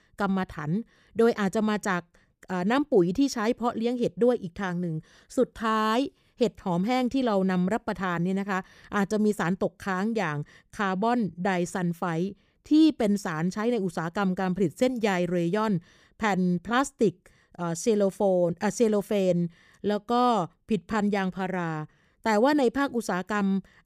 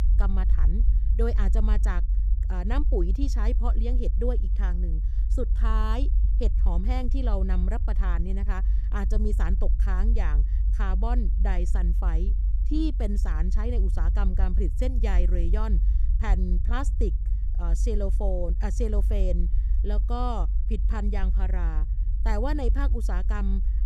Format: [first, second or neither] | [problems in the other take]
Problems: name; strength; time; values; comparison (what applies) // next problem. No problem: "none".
first | low rumble; noticeable; throughout; 10 dB below the speech